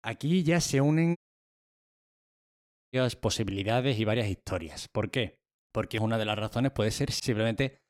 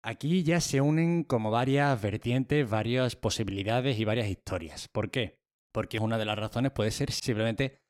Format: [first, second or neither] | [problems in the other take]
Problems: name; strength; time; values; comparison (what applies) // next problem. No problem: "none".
second | audio cutting out; at 1 s for 2 s